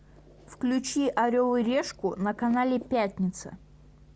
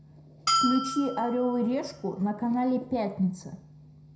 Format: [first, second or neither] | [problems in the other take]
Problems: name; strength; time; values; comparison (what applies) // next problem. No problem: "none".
first | background sound (Bell); 3 dB below the speech // room echo; dies away in 0.5 s